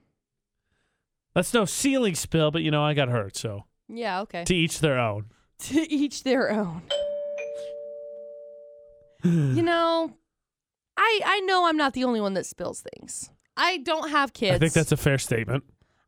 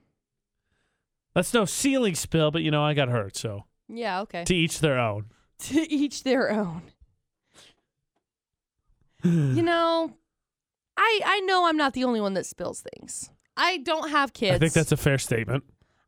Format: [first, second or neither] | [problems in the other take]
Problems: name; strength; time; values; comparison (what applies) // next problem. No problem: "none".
second | doorbell; noticeable; from 7 to 8.5 s; peak 4 dB below the speech